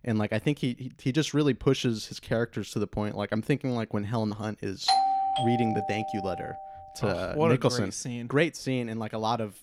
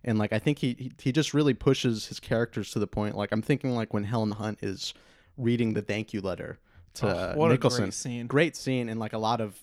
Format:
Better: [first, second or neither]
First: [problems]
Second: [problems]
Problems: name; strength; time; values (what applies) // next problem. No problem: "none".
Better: second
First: doorbell; loud; from 5 to 6.5 s; peak 5 dB above the speech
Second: none